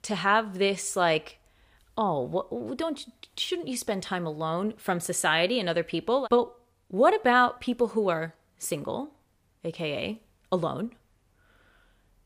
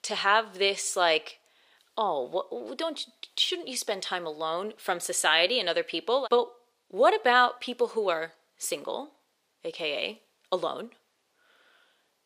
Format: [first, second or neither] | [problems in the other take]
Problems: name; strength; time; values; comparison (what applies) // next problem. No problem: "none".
first | thin; somewhat; fading below 450 Hz